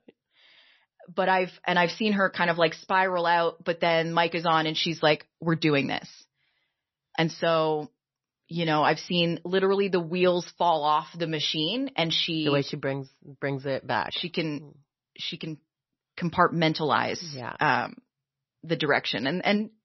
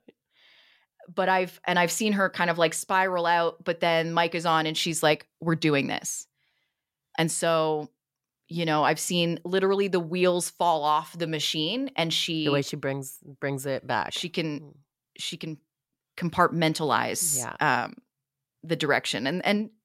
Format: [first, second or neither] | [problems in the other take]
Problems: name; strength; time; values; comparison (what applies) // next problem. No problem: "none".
second | garbled, watery; slightly; nothing above 6 kHz